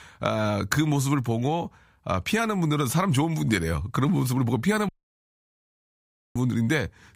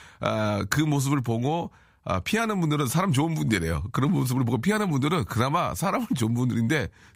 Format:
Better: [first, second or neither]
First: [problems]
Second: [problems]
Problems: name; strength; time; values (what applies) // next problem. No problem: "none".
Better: second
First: audio cutting out; at 5 s for 1.5 s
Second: none